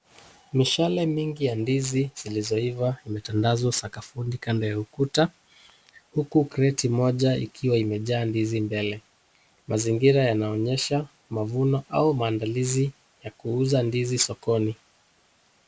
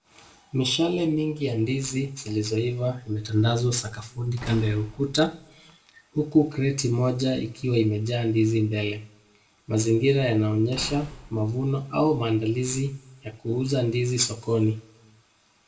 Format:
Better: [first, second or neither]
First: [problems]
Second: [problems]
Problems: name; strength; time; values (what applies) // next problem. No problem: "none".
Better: first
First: none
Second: background sound (Slam / Wood); 20 dB below the speech // room echo; dies away in 0.3 s